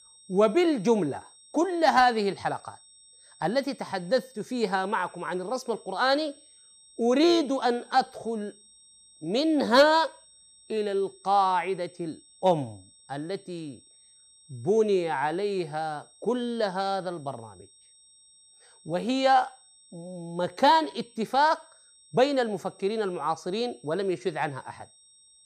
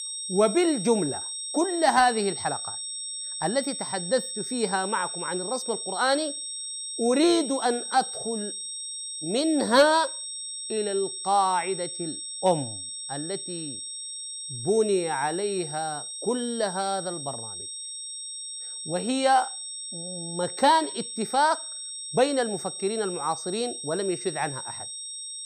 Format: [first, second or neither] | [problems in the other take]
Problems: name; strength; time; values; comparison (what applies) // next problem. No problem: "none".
first | high-pitched whine; loud; throughout; 8 kHz, 6 dB below the speech; faint in the first